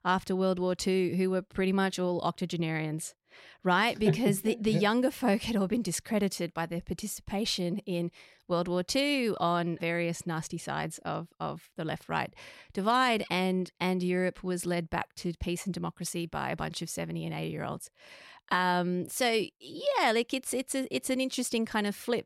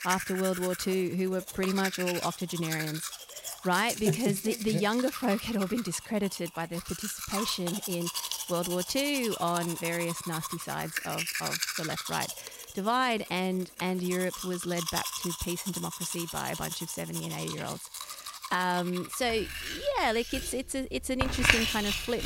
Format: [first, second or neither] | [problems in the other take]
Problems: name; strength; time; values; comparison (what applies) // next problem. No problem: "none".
first | household noises; loud; throughout; 3 dB below the speech